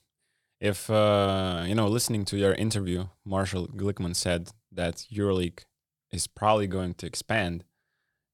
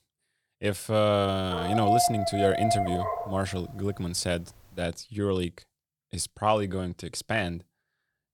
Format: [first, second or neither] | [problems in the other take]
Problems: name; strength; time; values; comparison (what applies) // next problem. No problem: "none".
first | dog barking; loud; from 1.5 to 3.5 s; peak 4 dB above the speech